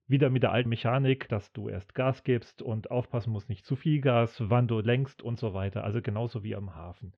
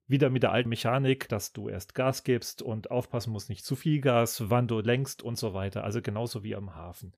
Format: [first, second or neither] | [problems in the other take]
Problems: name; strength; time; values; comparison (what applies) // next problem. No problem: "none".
second | muffled; very; fading above 3 kHz